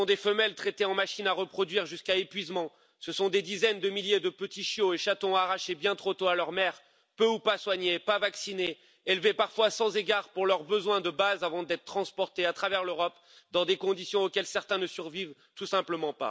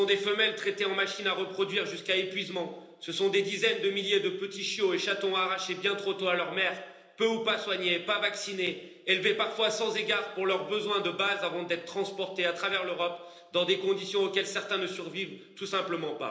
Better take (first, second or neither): first